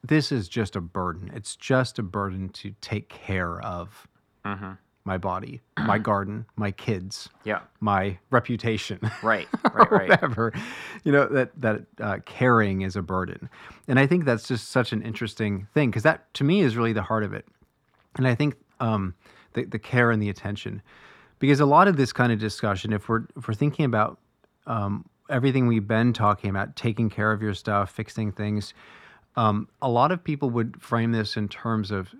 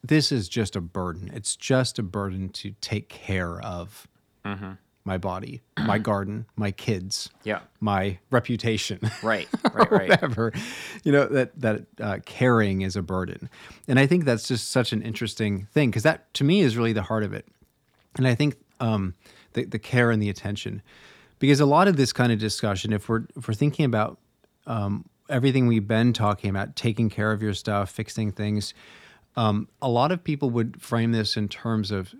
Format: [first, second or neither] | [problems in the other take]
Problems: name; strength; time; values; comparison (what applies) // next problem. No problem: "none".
second | muffled; slightly; fading above 3.5 kHz